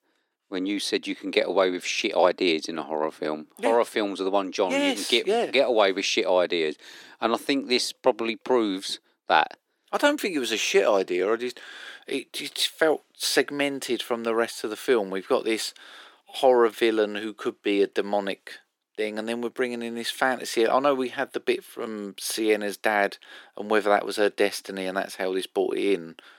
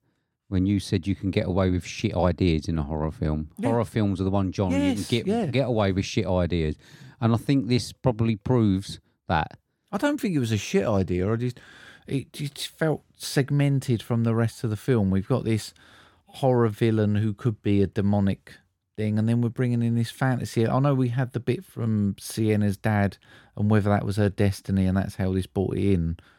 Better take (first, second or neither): second